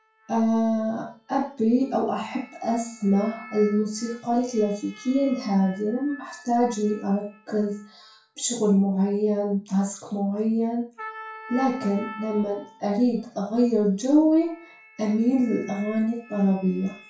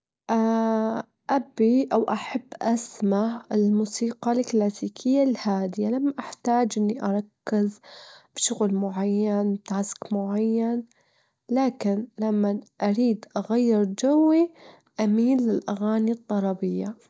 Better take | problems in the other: second | noise reduction (classical method WPE with log-MMSE)

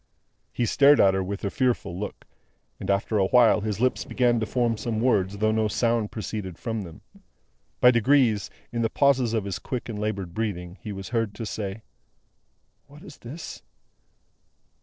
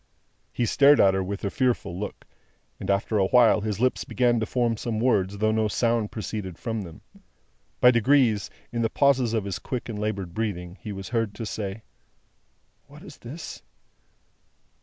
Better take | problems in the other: second | noise reduction (neural separator model SepFormer DNS4)

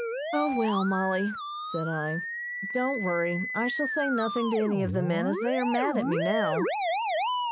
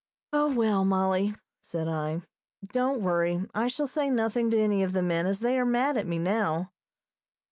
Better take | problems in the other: second | background sound (Musical instrument); 2 dB below the speech

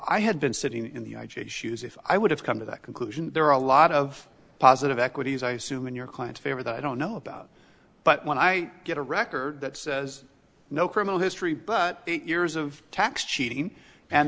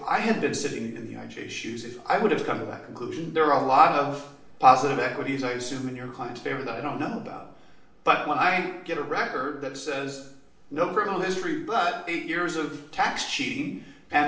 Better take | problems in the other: first | room echo; dies away in 0.6 s

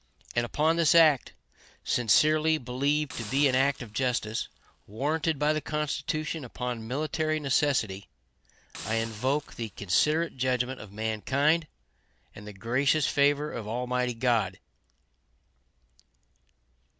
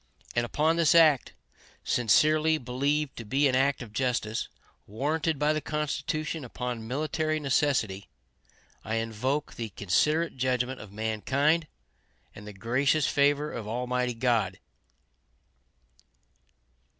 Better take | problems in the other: second | background sound (Hiss); 17 dB below the speech

